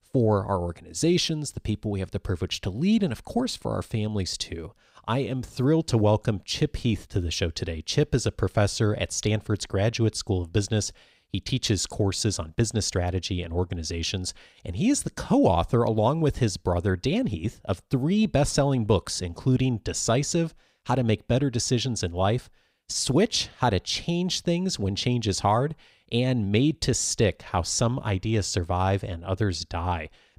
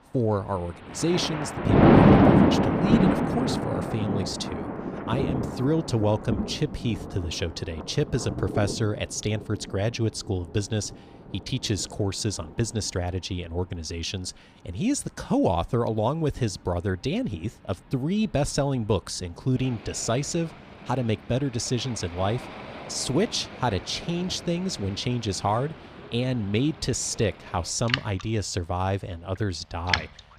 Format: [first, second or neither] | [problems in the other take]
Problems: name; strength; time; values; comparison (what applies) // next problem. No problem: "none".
first | rain or running water; very loud; throughout; 4 dB above the speech